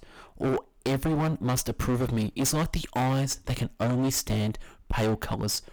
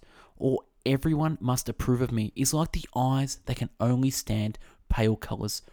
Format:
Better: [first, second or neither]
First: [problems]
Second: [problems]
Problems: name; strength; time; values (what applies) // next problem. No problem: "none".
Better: second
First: distortion; heavy; 22% of the sound clipped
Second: none